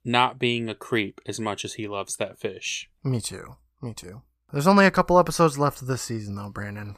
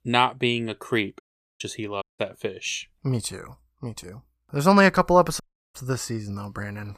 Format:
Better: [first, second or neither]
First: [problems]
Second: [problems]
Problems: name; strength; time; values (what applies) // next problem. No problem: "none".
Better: first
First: none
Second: audio cutting out; at 1 s, at 2 s and at 5.5 s